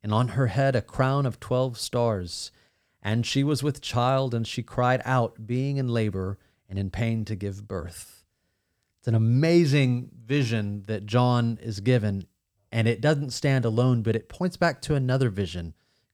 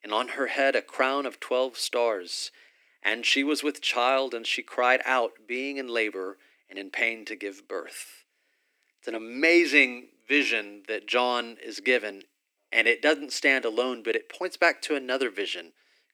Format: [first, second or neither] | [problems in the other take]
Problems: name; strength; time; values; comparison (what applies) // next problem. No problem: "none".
first | thin; somewhat; fading below 300 Hz